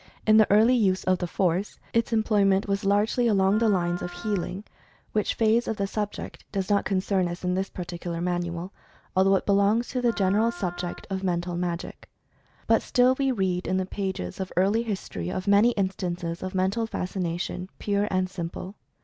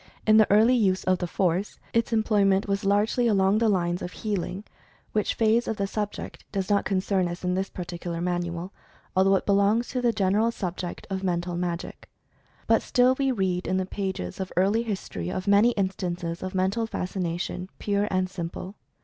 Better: second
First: background sound (Wind instrument, woodwind instrument); 19 dB below the speech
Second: none

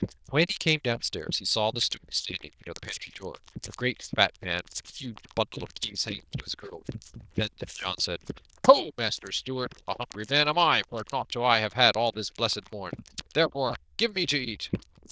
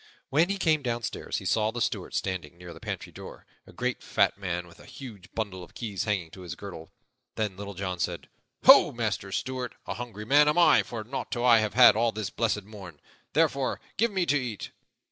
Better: second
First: noise reduction (neural diffusion model UNIVERSE++)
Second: none

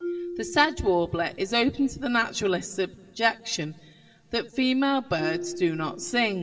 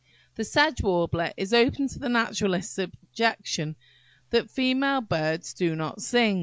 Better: second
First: background sound (Marimba, xylophone); 13 dB below the speech // room echo; dies away in 0.6 s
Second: none

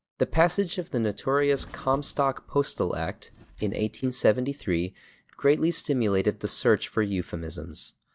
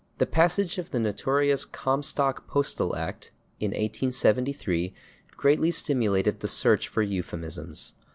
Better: second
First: noise reduction (neural mask model DeepFilterNet 3)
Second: none

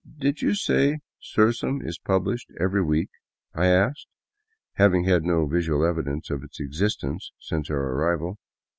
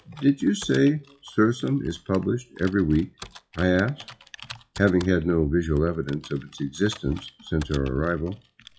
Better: first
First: none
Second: noise reduction (classical method WPE with log-MMSE)

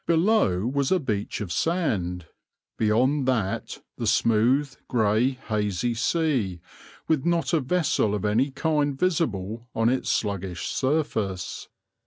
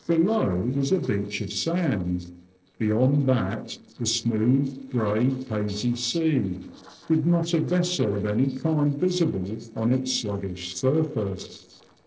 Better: first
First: none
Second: noise reduction (neural separator model SepFormer DNS4)

